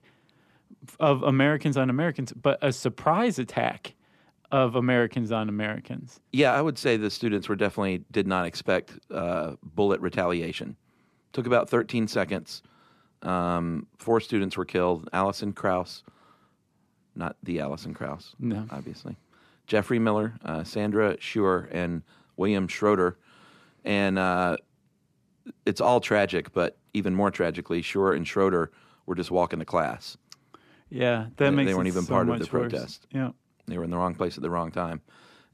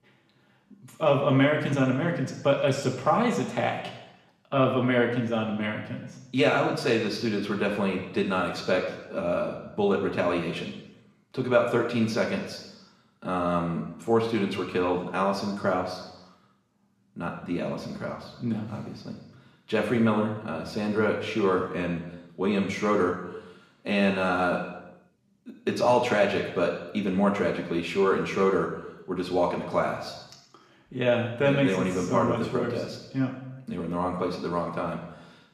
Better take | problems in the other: first | room echo; noticeable; dies away in 0.9 s // off-mic speech; somewhat distant

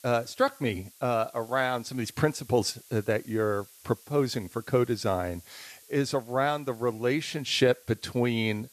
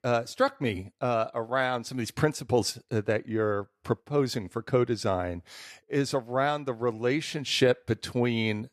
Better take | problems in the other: second | hiss; faint; throughout; 25 dB below the speech

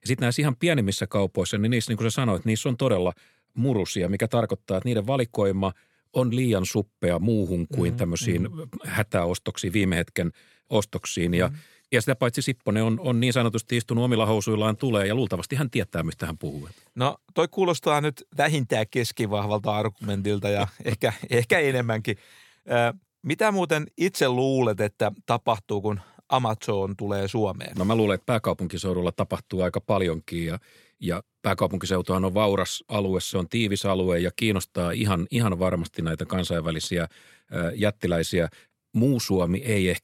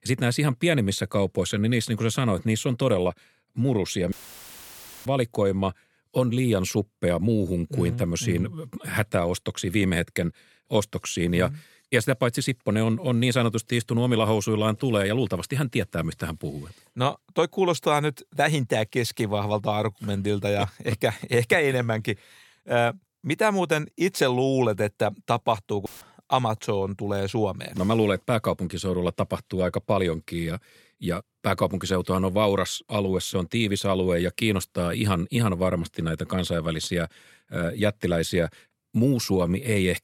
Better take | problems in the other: first | audio cutting out; filled with static; at 4 s for 1 s and at 26 s

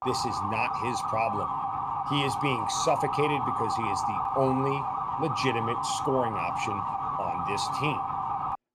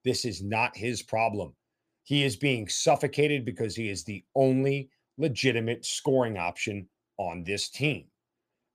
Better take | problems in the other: second | siren; loud; peak 3 dB above the speech

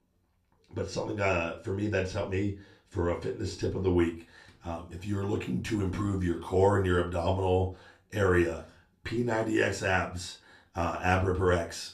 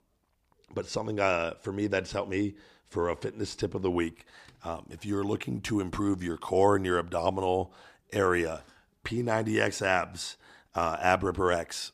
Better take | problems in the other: second | off-mic speech; far // room echo; very slight; dies away in 0.3 s

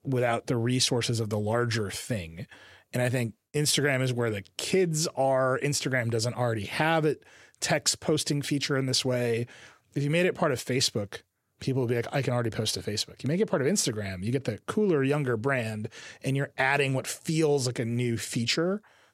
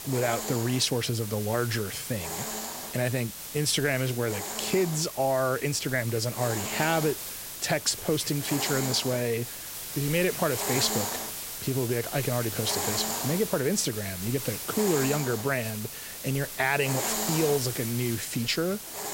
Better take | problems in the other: first | hiss; loud; throughout; 5 dB below the speech

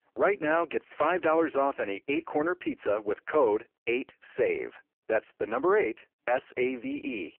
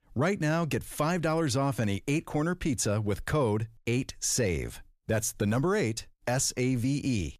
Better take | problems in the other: second | phone-call audio; poor line; nothing above 3 kHz

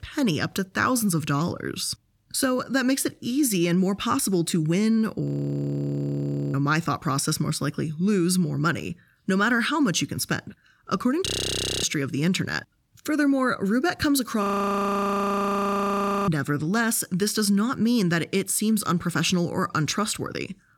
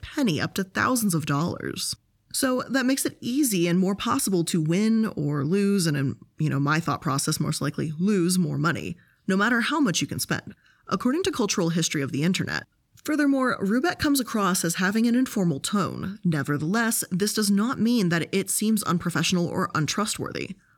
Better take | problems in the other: second | audio freezing; at 5.5 s for 1.5 s, at 11 s for 0.5 s and at 14 s for 2 s

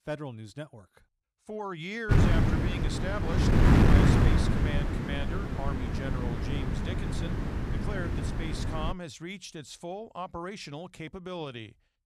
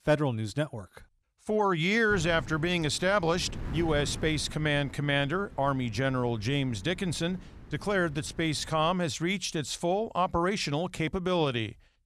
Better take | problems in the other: second | wind noise on the microphone; heavy; from 2 to 9 s; 4 dB above the speech; occasional gusts in the second

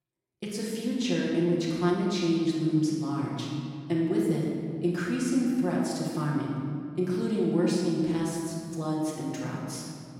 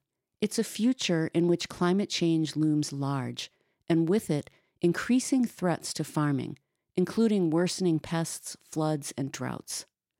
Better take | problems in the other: second | room echo; strong; dies away in 2.1 s // off-mic speech; far

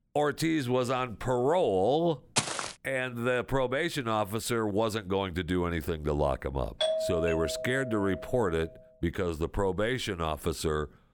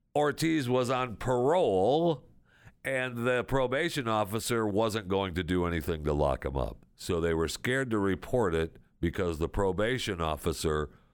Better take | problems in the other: second | footsteps; loud; at 2.5 s; peak 1 dB above the speech // doorbell; loud; from 7 to 8.5 s; peak 1 dB above the speech

